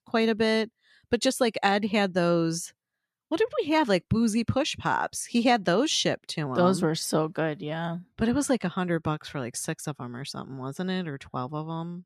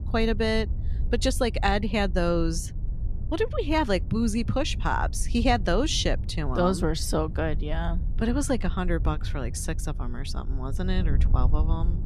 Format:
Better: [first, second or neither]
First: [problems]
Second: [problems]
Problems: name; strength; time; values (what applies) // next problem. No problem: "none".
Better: first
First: none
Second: wind noise on the microphone; occasional gusts; 20 dB below the speech